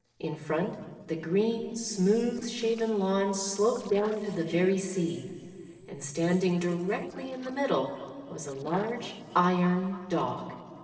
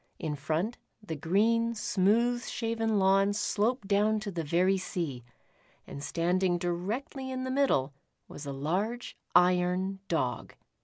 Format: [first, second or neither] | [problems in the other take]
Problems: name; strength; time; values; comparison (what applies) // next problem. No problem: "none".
second | noise reduction (neural separator model SepFormer DNS4)